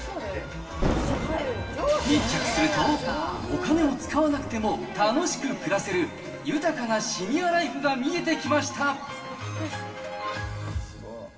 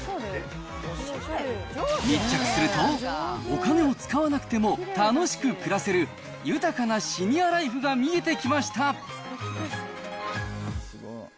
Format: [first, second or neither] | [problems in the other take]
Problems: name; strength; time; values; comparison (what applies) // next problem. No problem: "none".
second | background sound (Thunder); 11 dB below the speech // room echo; dies away in 2.7 s